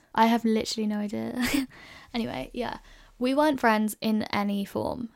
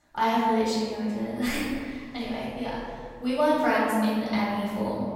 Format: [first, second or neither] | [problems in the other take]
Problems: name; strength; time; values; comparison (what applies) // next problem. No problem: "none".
first | room echo; strong; dies away in 1.7 s // off-mic speech; far